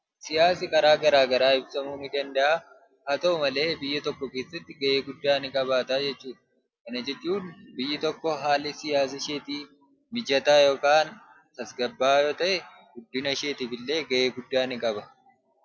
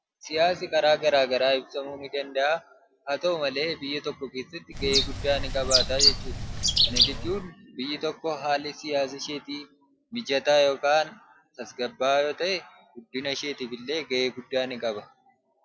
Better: first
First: none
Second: background sound (Bird); 3 dB above the speech

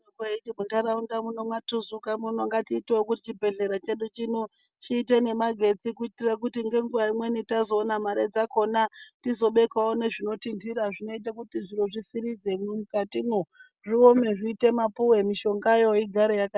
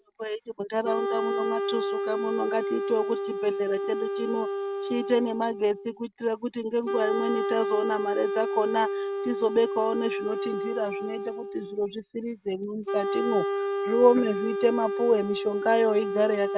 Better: first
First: none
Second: background sound (Wind instrument, woodwind instrument); 3 dB below the speech

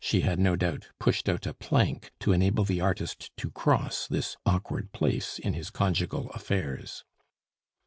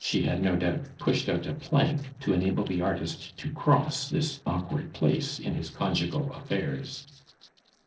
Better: first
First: none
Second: noise reduction (neural separator model SepFormer DNS4)

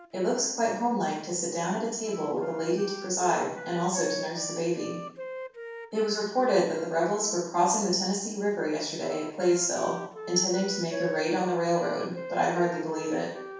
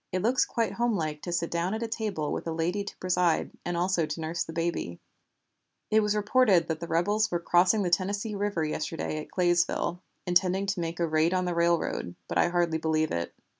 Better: second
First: background sound (Wind instrument, woodwind instrument); 13 dB below the speech // room echo; dies away in 0.7 s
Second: none

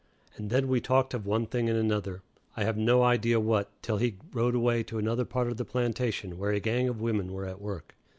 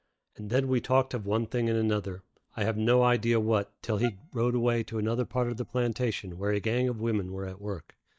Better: first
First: none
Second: noise reduction (neural mask model DeepFilterNet 3)

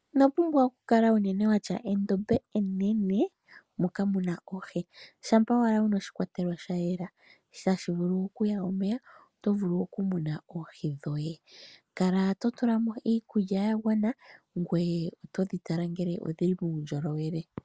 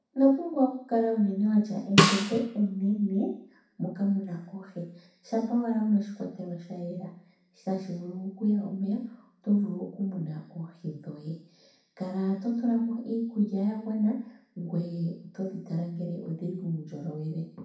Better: first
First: none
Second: background sound (Snare drum); 3 dB above the speech // room echo; dies away in 0.6 s

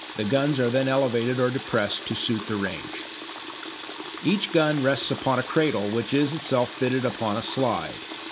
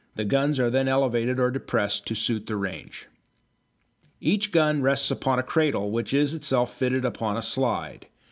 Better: second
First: background sound (Water tap, faucet); 12 dB below the speech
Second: none

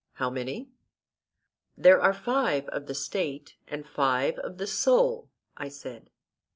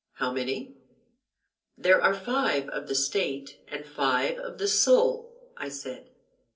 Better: first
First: none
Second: room echo; dies away in 0.3 s

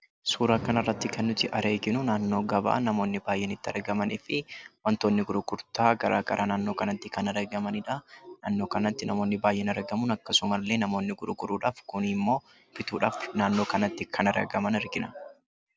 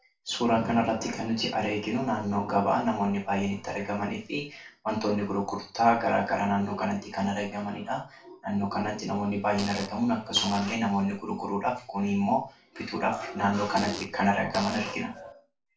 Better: first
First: none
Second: background sound (Fart); 13 dB below the speech // room echo; dies away in 0.3 s

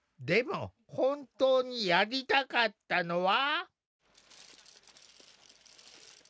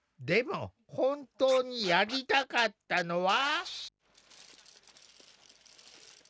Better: first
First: none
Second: background sound (Scratching (performance technique)); 13 dB below the speech

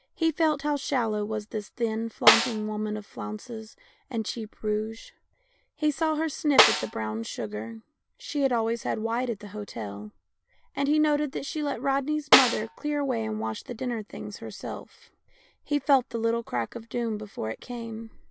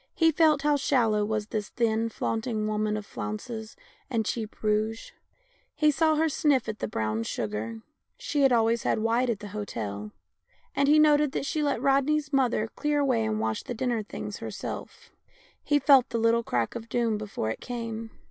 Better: second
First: background sound (Snare drum); 2 dB above the speech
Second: none

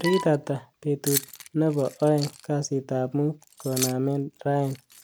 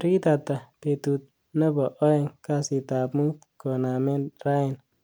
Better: second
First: background sound (Bowed string instrument + Keys jangling); 11 dB below the speech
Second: none

